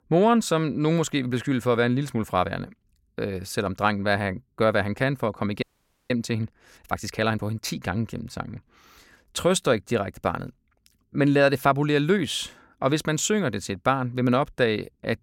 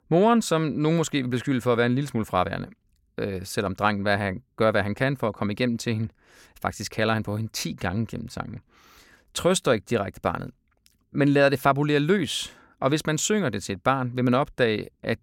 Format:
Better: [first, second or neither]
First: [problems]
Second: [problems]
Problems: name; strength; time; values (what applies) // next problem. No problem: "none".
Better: second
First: audio freezing; at 5.5 s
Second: none